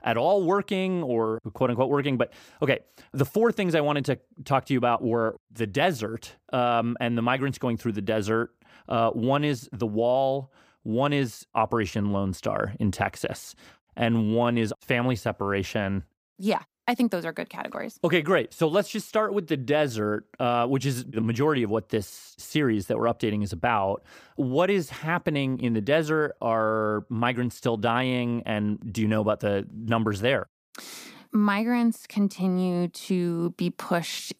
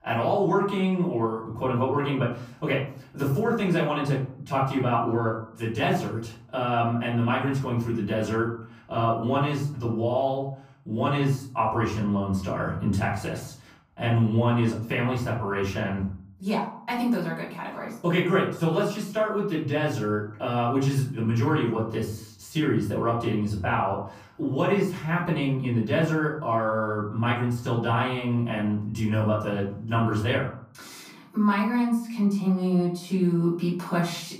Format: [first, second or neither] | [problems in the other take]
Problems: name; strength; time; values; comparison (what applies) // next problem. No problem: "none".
first | off-mic speech; far // room echo; noticeable; dies away in 0.5 s